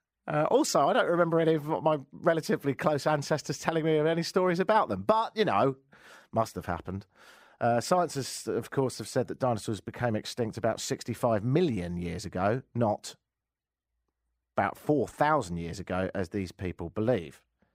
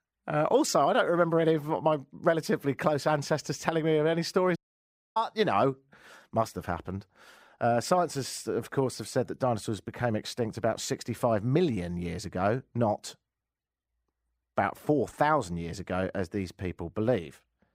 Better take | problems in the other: first | audio cutting out; at 4.5 s for 0.5 s

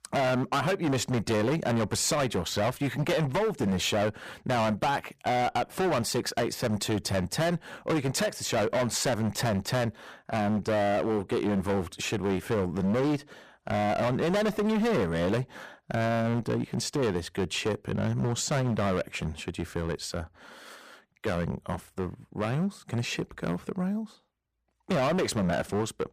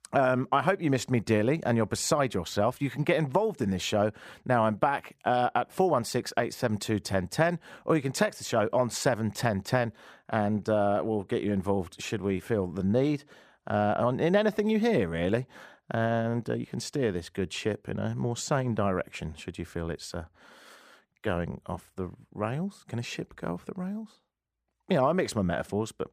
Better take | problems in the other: second | distortion; heavy; 18% of the sound clipped

